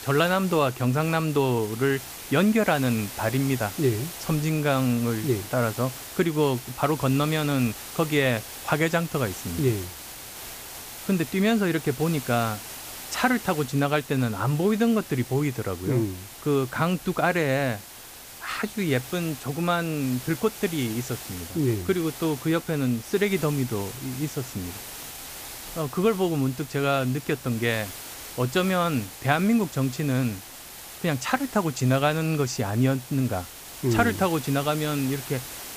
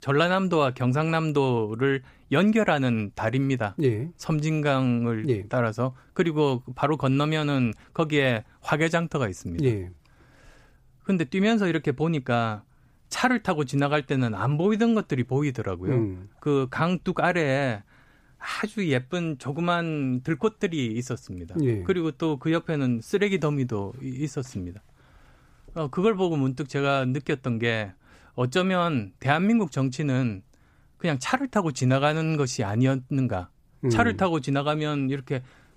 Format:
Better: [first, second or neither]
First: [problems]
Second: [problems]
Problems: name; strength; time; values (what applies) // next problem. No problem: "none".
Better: second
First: hiss; noticeable; throughout; 10 dB below the speech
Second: none